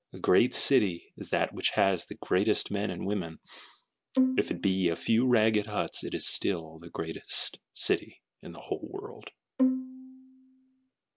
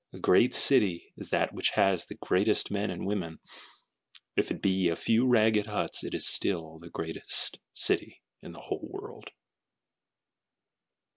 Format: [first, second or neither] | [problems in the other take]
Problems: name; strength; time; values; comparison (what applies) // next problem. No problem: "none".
second | background sound (Bowed string instrument); 2 dB below the speech